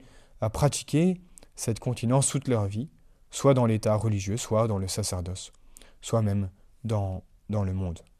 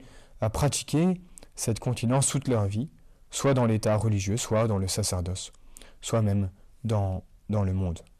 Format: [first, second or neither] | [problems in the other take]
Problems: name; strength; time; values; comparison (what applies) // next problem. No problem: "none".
first | distortion; slight; 10 dB below the speech